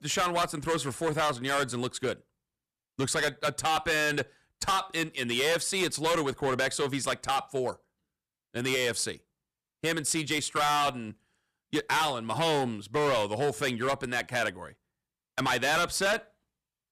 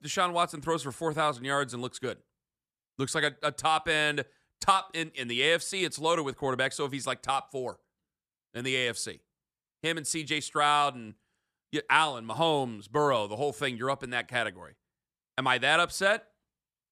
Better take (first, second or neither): second